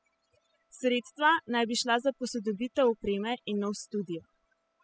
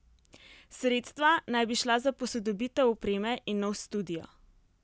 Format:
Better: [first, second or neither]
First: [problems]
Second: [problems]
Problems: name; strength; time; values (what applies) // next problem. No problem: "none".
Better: second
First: noise reduction (classical method spectral subtraction)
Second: none